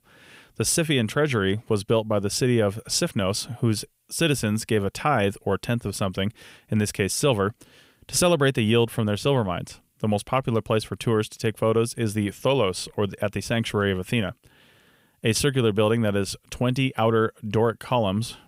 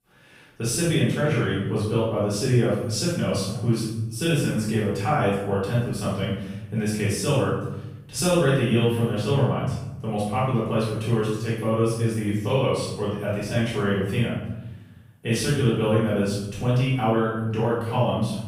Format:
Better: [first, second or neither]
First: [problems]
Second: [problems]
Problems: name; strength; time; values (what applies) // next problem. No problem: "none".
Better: first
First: none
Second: room echo; strong; dies away in 1 s // off-mic speech; far